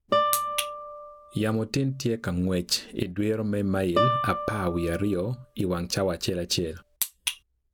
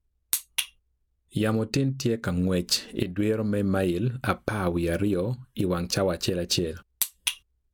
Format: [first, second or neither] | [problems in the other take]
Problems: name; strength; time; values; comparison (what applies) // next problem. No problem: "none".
second | background sound (Guitar); 4 dB below the speech